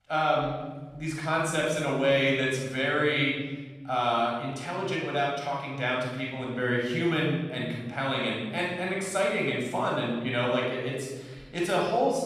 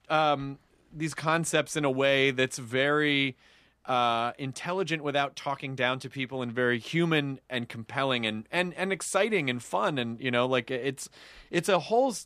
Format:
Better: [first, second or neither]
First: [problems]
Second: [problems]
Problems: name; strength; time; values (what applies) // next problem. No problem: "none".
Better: second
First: room echo; noticeable; dies away in 1.3 s // off-mic speech; far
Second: none